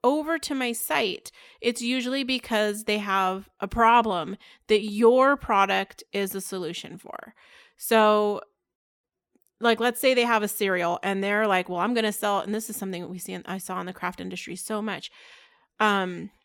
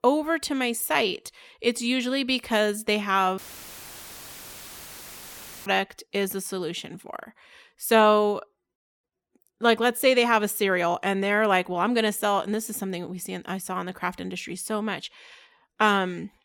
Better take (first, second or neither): first